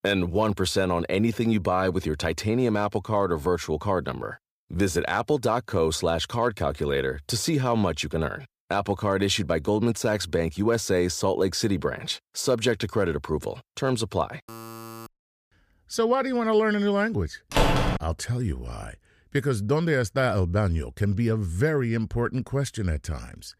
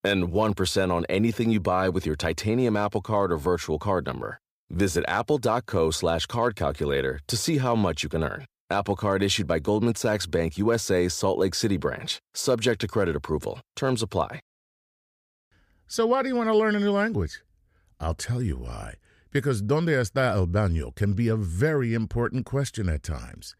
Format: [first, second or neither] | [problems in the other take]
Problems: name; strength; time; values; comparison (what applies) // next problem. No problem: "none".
second | alarm; faint; at 14 s; peak 15 dB below the speech // door banging; loud; at 18 s; peak 3 dB above the speech